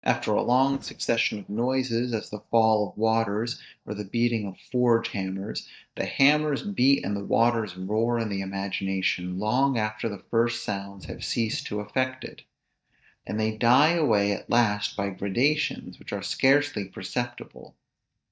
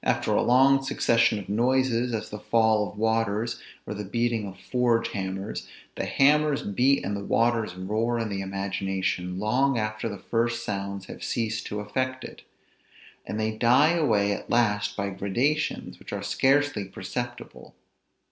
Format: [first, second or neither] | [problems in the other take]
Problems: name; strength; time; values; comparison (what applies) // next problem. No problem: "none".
second | noise reduction (neural mask model DeepFilterNet 3)